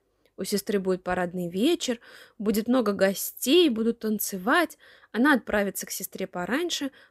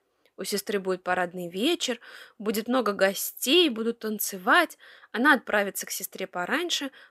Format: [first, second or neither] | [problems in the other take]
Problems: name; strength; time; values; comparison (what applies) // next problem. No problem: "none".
first | thin; very slightly; fading below 650 Hz